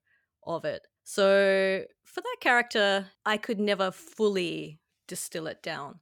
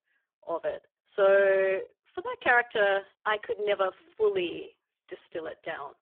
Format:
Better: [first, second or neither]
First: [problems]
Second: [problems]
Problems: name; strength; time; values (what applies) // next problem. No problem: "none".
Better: first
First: none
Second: phone-call audio; poor line